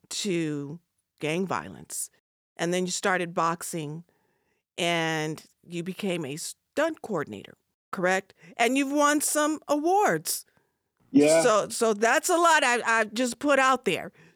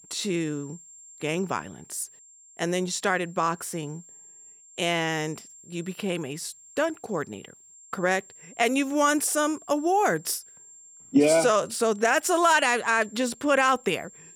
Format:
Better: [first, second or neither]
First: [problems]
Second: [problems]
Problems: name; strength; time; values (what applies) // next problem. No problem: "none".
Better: first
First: none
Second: high-pitched whine; faint; throughout; 7.5 kHz, 25 dB below the speech